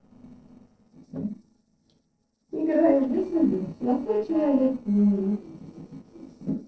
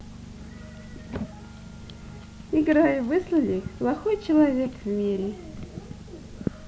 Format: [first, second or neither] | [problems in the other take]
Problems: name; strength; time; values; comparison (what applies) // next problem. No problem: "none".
second | noise reduction (neural separator model SepFormer DNS4)